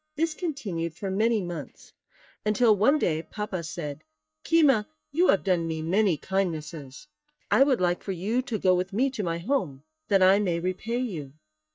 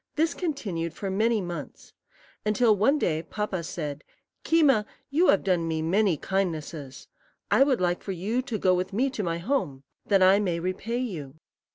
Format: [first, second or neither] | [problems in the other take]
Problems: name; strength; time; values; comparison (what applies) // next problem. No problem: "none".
second | noise reduction (neural mask model DeepFilterNet 3)